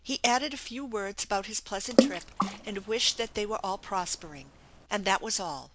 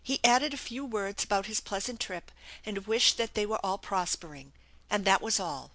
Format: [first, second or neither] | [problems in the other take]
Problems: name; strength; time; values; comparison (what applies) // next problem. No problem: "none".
second | background sound (Water / Splash, splatter); as loud as the speech